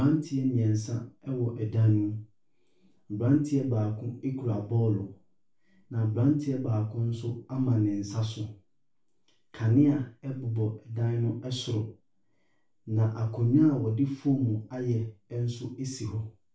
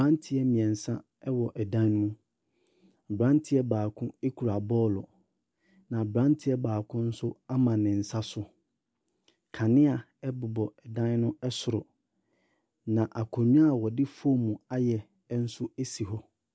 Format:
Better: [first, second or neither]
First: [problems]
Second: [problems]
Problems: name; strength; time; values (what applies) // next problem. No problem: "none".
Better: second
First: room echo; dies away in 0.3 s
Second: none